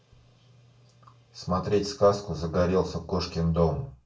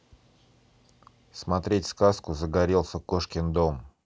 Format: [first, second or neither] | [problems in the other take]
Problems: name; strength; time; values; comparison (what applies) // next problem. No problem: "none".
second | room echo; dies away in 0.3 s